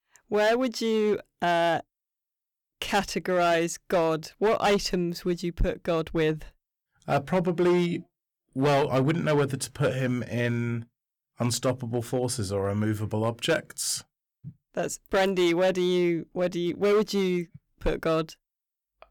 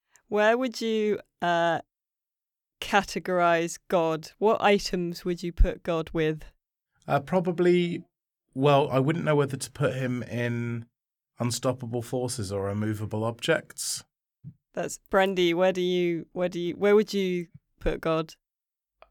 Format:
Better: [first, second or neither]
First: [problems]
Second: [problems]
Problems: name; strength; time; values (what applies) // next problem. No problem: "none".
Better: second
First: distortion; slight; 6% of the sound clipped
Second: none